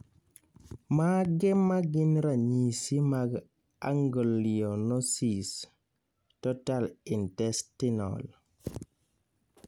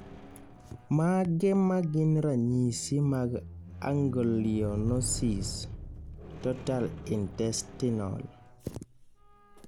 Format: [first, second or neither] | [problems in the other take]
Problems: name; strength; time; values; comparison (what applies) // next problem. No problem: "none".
first | background sound (Squeak); 11 dB below the speech